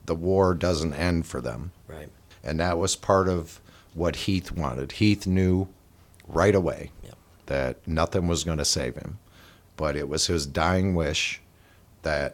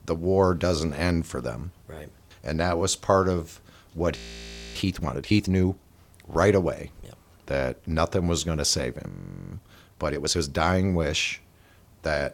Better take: first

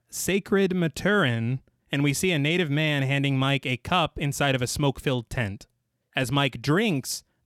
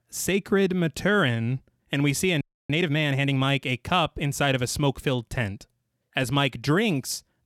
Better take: first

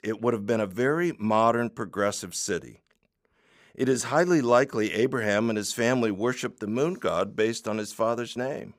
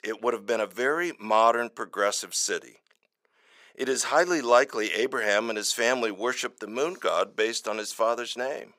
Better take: first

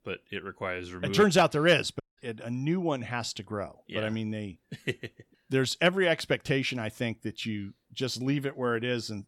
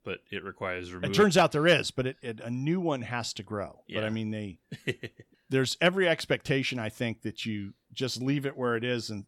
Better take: second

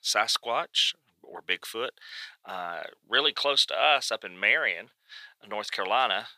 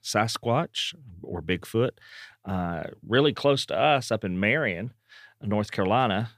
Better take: second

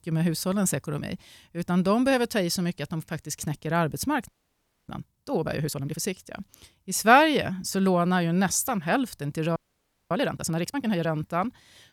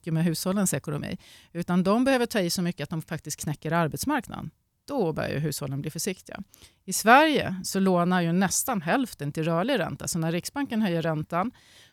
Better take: second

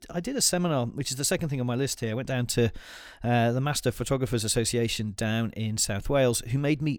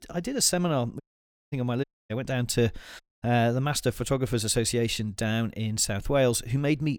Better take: first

